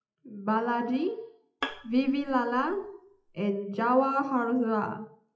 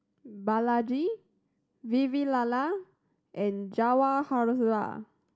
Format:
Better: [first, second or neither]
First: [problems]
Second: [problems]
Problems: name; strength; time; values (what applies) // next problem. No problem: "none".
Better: second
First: noise reduction (classical method WPE with log-MMSE)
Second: none